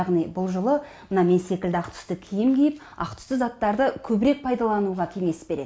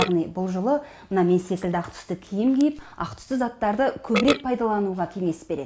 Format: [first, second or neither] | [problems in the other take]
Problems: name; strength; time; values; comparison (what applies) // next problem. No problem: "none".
first | background sound (Burping, eructation); 11 dB below the speech